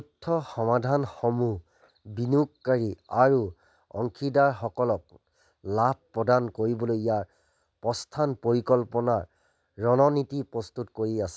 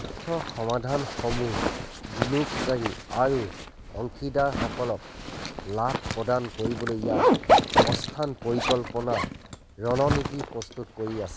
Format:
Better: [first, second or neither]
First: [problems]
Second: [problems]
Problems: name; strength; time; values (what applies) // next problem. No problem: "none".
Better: first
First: none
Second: background sound (Zipper (clothing)); 1 dB above the speech